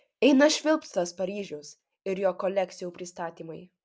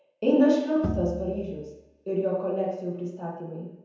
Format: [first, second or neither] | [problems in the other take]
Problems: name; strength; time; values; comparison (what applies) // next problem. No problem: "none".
first | background sound (Bowed string instrument); 8 dB below the speech // room echo; dies away in 0.9 s